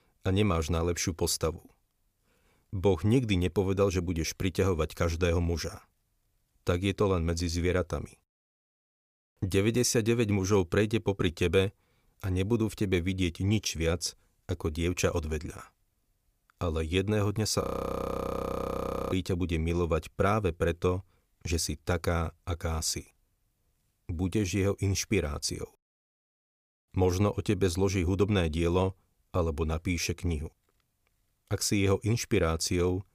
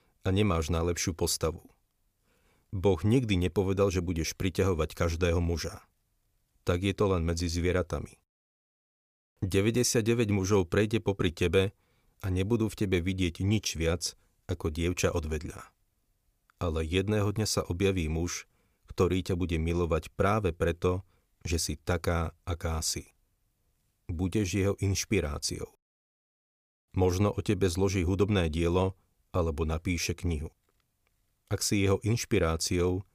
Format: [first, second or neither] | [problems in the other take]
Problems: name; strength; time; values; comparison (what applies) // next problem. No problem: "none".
second | audio freezing; at 18 s for 1.5 s